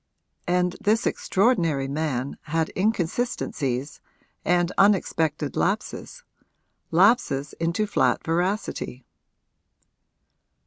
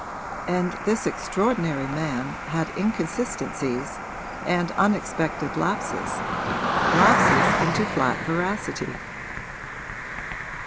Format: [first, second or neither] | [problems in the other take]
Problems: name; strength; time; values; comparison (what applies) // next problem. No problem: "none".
first | background sound (Cricket); 1 dB below the speech